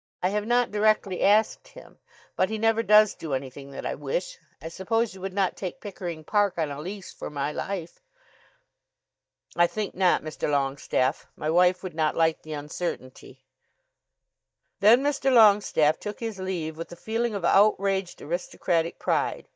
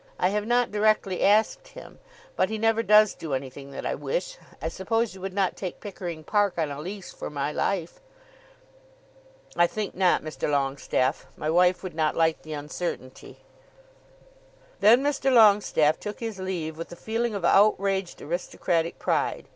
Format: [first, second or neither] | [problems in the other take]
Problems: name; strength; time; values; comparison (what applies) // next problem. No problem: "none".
second | noise reduction (neural mask model DeepFilterNet 3)